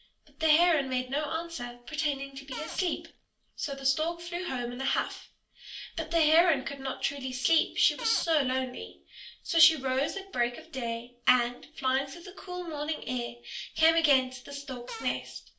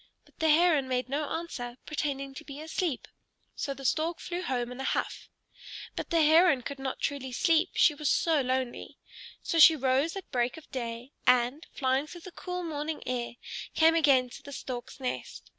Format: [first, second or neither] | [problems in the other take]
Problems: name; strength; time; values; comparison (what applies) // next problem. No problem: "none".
second | background sound (Cupboard open or close / Door); 11 dB below the speech // room echo; dies away in 0.3 s